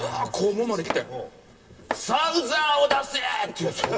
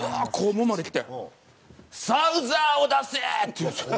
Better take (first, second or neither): second